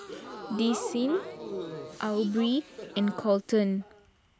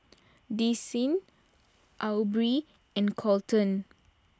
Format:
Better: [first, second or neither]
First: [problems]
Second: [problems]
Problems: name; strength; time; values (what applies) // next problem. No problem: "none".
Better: second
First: background sound (Crowd / Gasp); 11 dB below the speech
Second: none